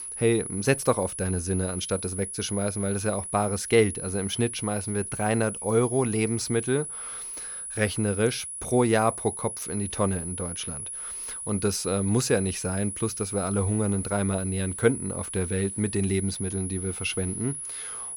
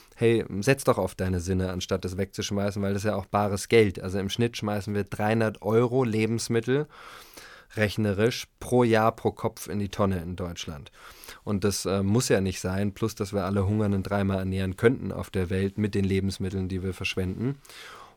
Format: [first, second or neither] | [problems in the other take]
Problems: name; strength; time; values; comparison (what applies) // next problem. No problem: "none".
second | high-pitched whine; loud; throughout; 10.5 kHz, 6 dB below the speech